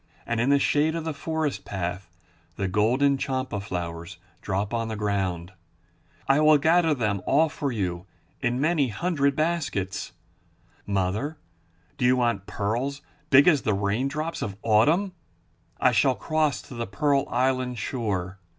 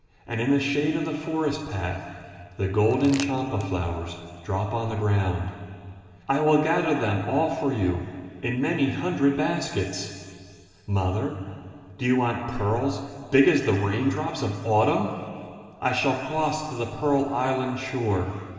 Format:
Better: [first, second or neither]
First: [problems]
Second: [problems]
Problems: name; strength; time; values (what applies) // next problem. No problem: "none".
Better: first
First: none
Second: background sound (Crumpling, crinkling); 17 dB below the speech // room echo; dies away in 2.3 s